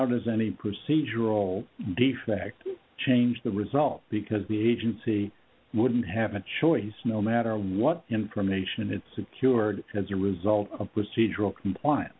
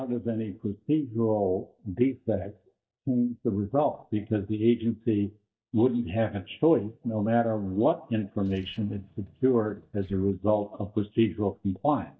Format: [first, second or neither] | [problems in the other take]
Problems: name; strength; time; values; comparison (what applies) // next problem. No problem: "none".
first | noise reduction (neural mask model DeepFilterNet 3)